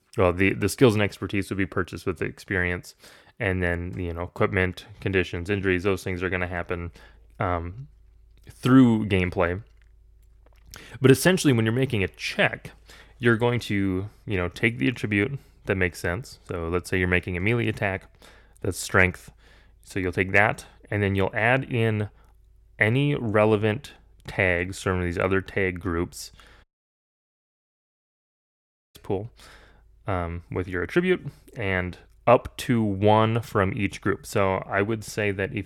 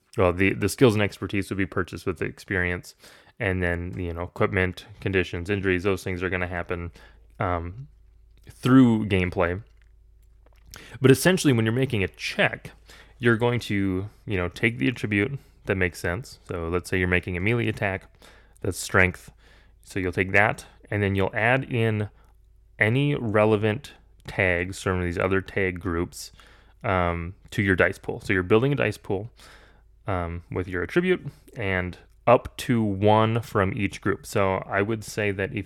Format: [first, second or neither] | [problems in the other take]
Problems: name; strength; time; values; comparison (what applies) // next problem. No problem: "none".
second | audio cutting out; at 27 s for 2.5 s